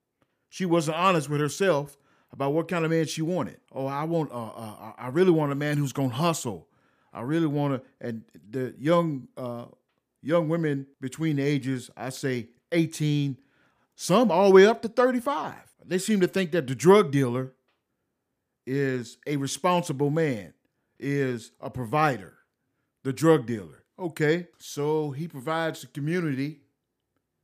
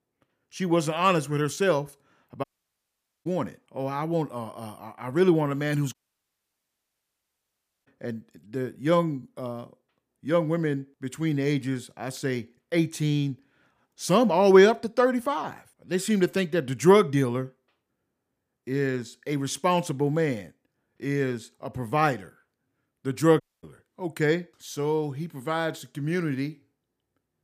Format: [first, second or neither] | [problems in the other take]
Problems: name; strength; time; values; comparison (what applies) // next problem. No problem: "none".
first | audio cutting out; at 2.5 s for 1 s, at 6 s for 2 s and at 23 s